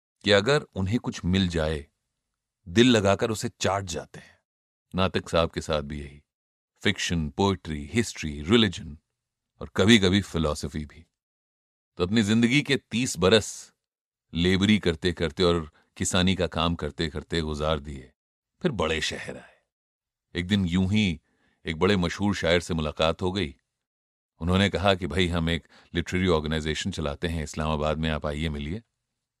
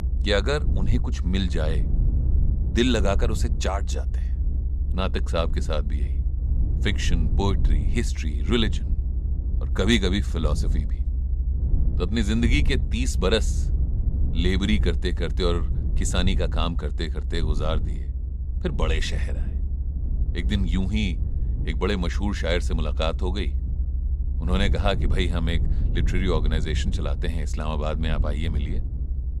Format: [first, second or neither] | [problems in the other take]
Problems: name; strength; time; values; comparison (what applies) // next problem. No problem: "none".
first | low rumble; noticeable; throughout; 15 dB below the speech